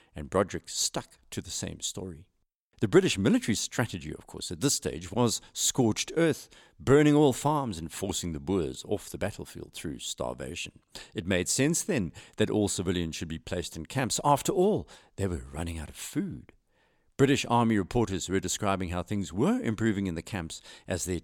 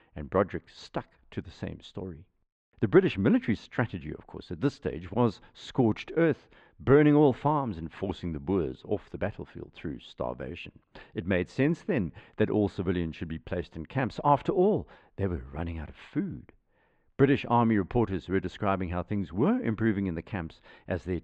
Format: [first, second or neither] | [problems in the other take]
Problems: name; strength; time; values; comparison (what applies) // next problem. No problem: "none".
first | muffled; very; fading above 2.5 kHz